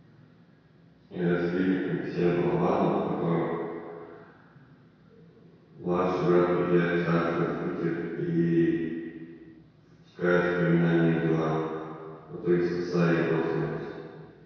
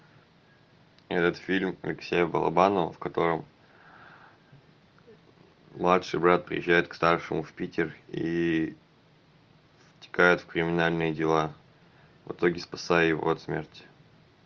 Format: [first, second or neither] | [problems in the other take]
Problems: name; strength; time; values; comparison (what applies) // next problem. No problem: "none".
second | room echo; dies away in 2 s